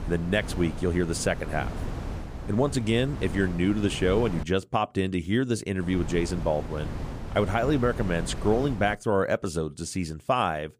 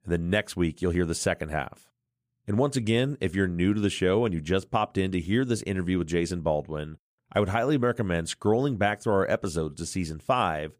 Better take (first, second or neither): second